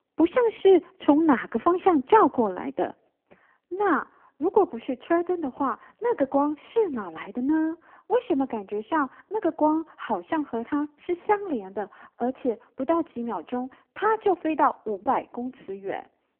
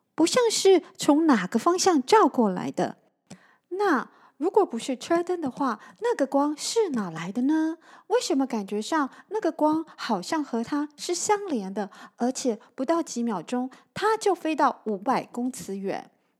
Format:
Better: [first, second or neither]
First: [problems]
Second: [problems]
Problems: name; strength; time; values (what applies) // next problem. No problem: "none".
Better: second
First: phone-call audio; poor line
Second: none